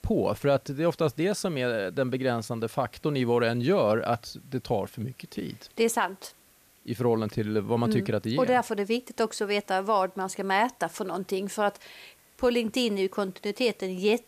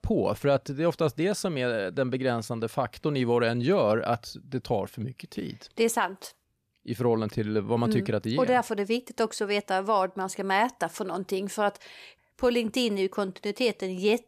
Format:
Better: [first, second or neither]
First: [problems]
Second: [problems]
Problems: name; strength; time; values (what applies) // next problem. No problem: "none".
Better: second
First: hiss; faint; throughout; 30 dB below the speech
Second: none